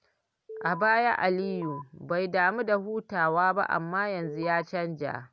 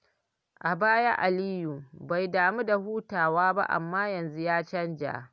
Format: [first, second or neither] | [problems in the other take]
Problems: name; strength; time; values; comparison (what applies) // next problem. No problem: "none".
second | background sound (Alarm); 11 dB below the speech